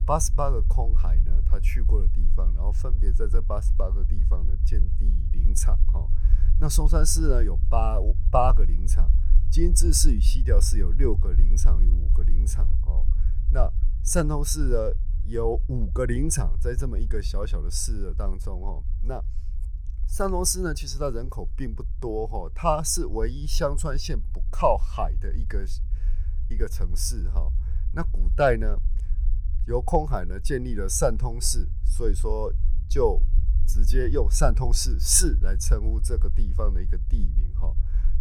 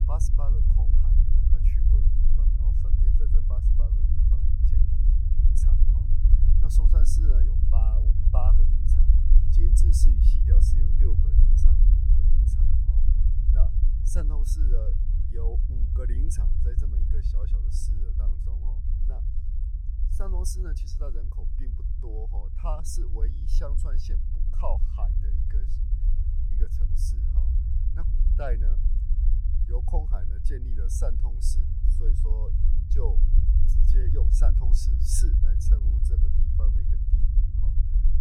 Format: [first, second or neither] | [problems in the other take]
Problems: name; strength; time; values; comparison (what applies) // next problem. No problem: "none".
first | low rumble; loud; throughout; 2 dB below the speech; faint in the first